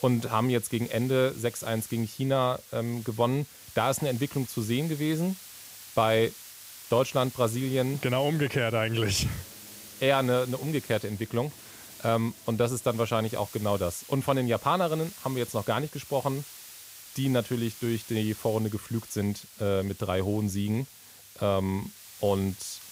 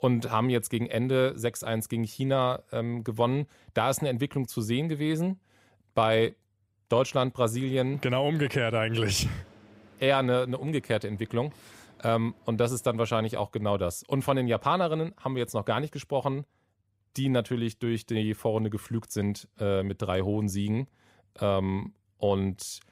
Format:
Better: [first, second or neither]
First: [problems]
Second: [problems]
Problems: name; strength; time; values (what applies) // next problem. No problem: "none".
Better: second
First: hiss; noticeable; throughout; 15 dB below the speech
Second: none